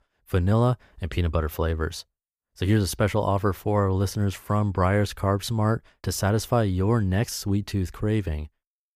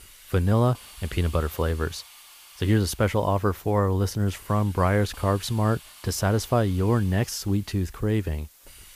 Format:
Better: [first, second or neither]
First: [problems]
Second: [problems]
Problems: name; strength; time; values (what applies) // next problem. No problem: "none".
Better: first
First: none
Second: hiss; faint; throughout; 20 dB below the speech